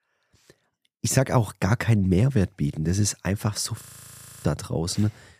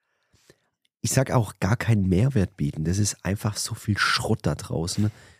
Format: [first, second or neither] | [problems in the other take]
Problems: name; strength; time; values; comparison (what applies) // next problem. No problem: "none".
second | audio freezing; at 4 s for 0.5 s